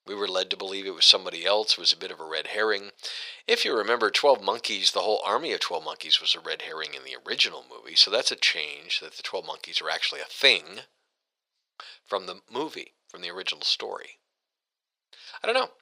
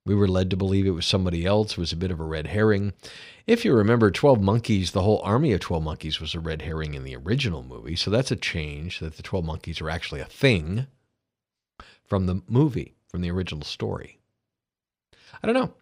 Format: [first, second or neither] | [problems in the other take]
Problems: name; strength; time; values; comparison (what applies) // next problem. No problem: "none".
second | thin; very; fading below 550 Hz